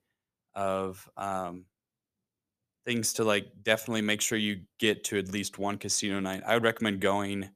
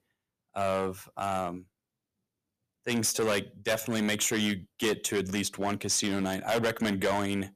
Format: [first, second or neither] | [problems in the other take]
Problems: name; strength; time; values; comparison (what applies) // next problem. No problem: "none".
first | distortion; heavy; 8% of the sound clipped